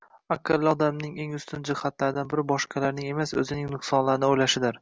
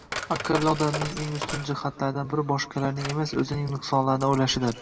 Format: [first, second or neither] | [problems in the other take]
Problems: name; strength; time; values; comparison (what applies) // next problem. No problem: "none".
first | background sound (Coin (dropping)); 11 dB below the speech // room echo; dies away in 1.6 s